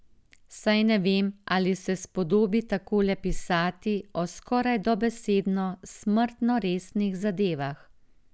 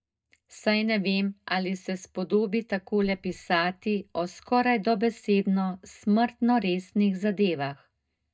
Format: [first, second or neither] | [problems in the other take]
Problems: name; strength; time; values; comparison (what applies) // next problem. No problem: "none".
first | noise reduction (neural mask model DeepFilterNet 3)